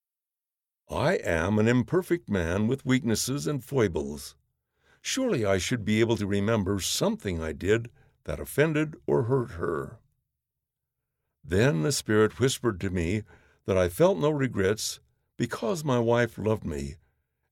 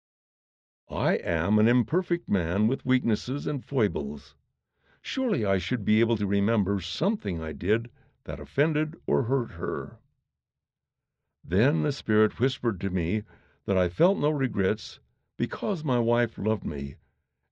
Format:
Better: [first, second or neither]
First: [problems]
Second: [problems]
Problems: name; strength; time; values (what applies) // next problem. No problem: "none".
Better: first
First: none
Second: muffled; slightly; fading above 4 kHz